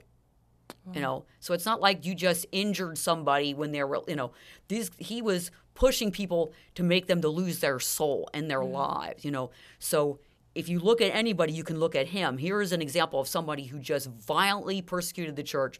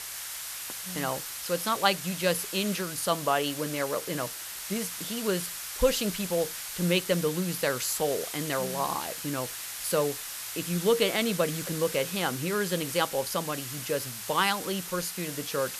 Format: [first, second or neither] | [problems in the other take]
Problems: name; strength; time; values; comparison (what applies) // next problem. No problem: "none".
first | hiss; loud; throughout; 6 dB below the speech